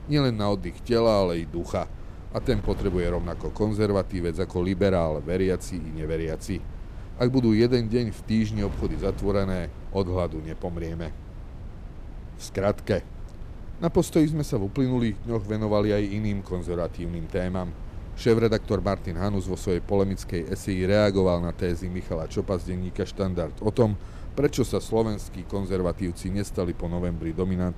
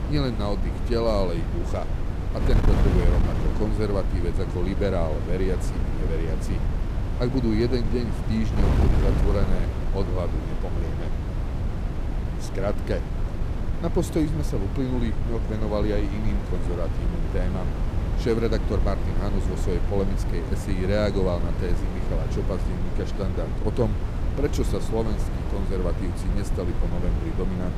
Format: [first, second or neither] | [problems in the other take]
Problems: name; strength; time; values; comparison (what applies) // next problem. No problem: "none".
first | wind noise on the microphone; heavy; 5 dB below the speech; occasional gusts in the first